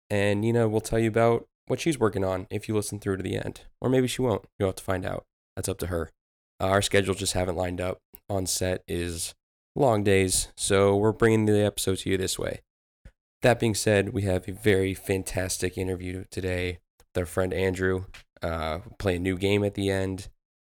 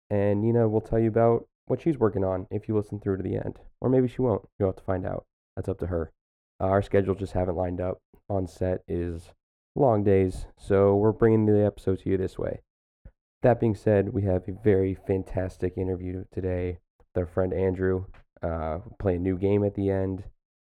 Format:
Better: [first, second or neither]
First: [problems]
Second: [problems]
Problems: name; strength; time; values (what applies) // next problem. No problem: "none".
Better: first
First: none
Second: muffled; very; fading above 2 kHz